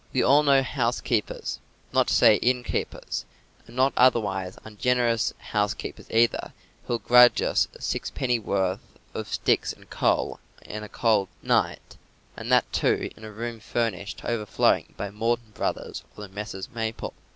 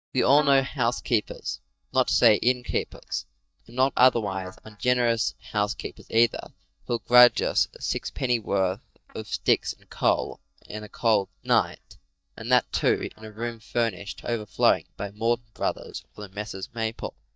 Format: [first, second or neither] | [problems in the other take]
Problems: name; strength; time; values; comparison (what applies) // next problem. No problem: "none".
first | noise reduction (neural mask model DeepFilterNet 3)